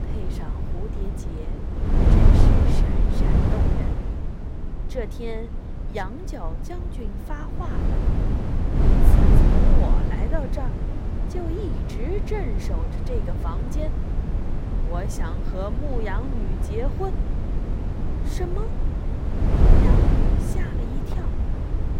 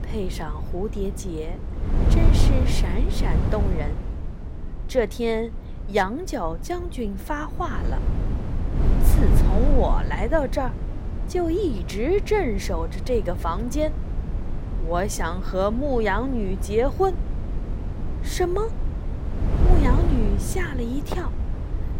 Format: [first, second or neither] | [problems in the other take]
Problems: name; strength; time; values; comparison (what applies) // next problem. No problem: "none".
second | wind noise on the microphone; heavy; 2 dB above the speech; occasional gusts in the second